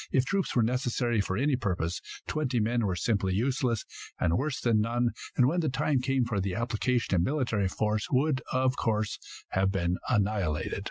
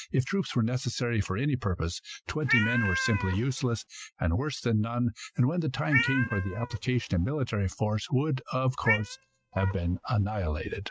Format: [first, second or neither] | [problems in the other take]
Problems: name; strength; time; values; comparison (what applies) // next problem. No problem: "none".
first | noise reduction (neural mask model RNNoise)